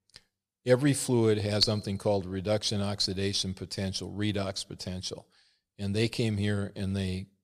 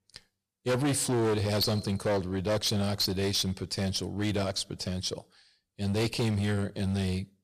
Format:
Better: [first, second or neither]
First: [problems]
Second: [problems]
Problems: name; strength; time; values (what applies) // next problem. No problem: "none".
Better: first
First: none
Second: distortion; heavy; 13% of the sound clipped